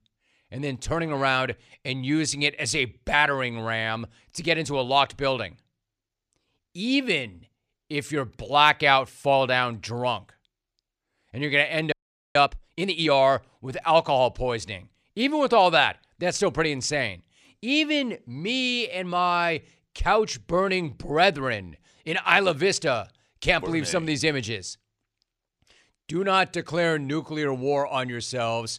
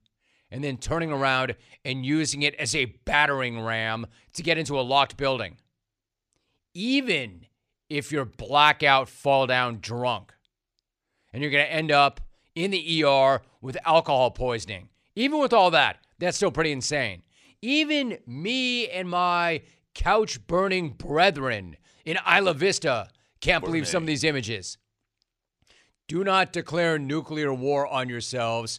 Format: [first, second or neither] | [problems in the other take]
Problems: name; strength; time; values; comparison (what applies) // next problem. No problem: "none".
second | audio freezing; at 12 s